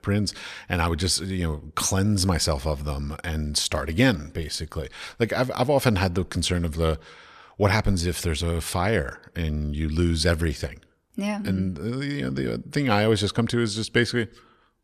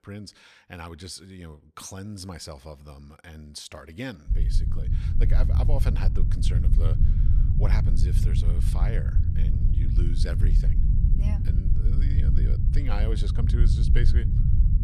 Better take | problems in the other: first | low rumble; loud; from 4.5 s on; 1 dB below the speech

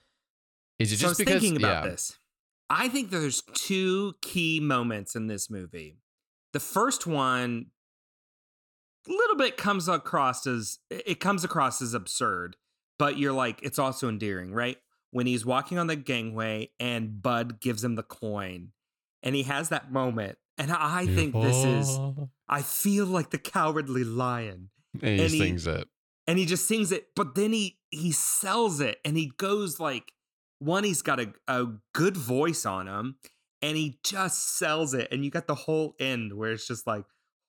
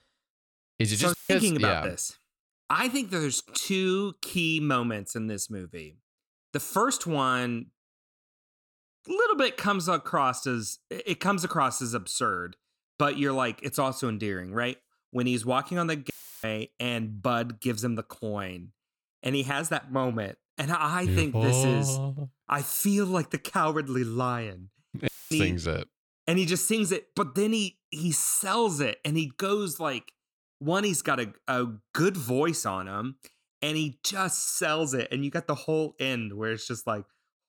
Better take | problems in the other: first | audio cutting out; filled with static; at 1 s, at 16 s and at 25 s

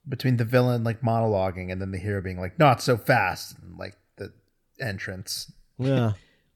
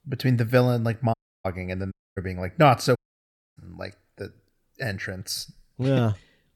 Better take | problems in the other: first | audio cutting out; at 1 s, at 2 s and at 3 s for 0.5 s

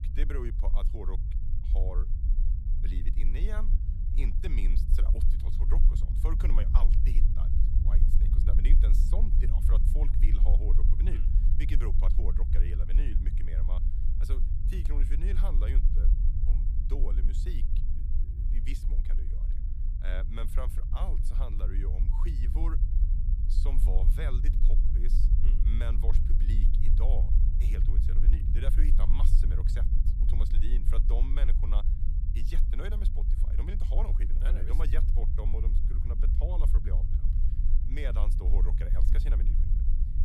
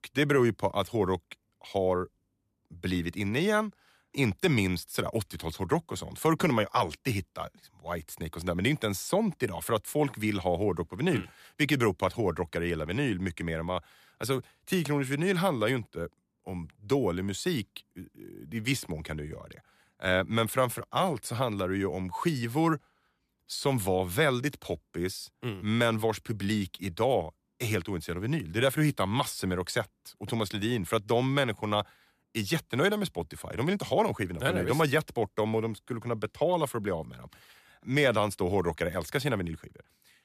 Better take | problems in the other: second | low rumble; loud; throughout; 4 dB below the speech

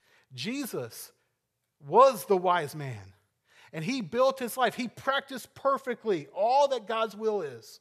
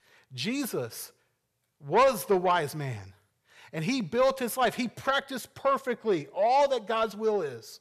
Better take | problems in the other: first | distortion; slight; 10 dB below the speech

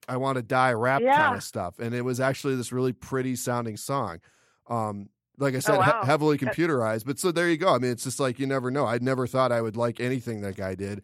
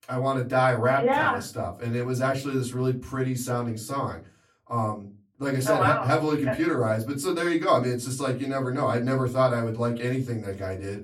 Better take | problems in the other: first | off-mic speech; far // room echo; very slight; dies away in 0.2 s

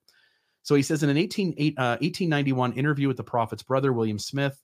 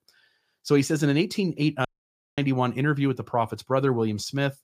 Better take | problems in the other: first | audio cutting out; at 2 s for 0.5 s

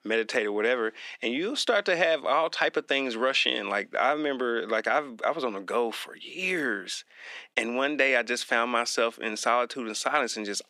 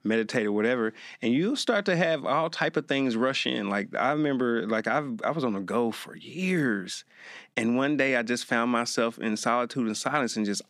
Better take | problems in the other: second | thin; somewhat; fading below 450 Hz

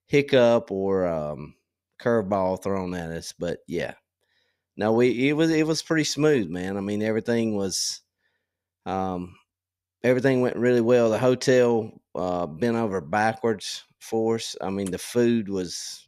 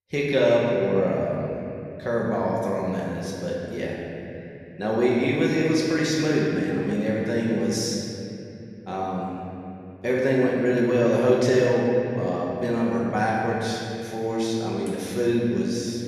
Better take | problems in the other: first | room echo; strong; dies away in 3 s // off-mic speech; far

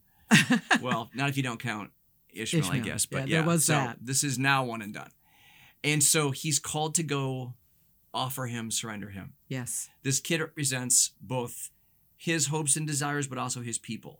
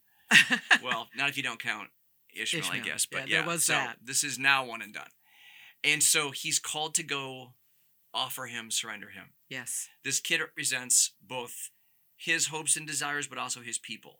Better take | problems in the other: first | thin; somewhat; fading below 700 Hz

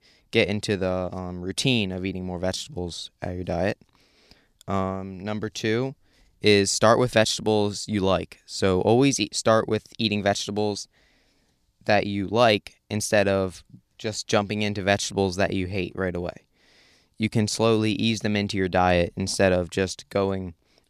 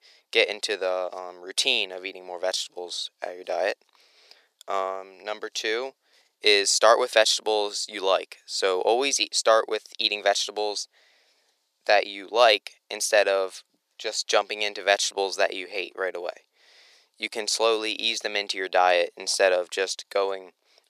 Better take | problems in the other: first | thin; very; fading below 450 Hz

